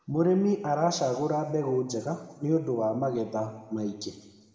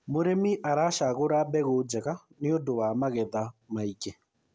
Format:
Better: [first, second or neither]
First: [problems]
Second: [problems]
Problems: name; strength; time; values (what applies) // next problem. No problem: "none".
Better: second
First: room echo; dies away in 1.3 s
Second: none